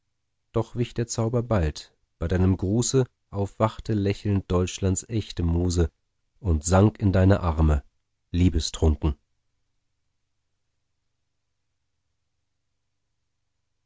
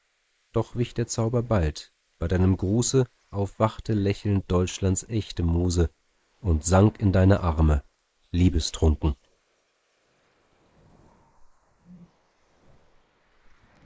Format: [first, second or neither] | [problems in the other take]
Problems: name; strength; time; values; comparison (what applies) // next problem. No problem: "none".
first | noise reduction (neural mask model Resemble Enhance denoiser)